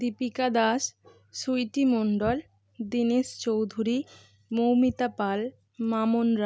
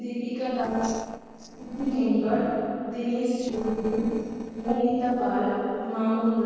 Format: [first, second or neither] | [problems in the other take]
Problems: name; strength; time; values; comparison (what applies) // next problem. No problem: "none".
first | noise reduction (neural separator model SepFormer DNS4)